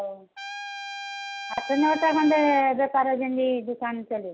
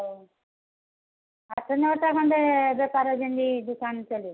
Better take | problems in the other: second | background sound (Trumpet); 11 dB below the speech

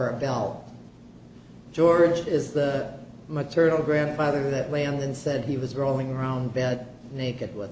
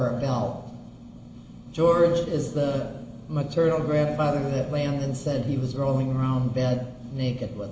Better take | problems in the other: first | room echo; dies away in 2.9 s

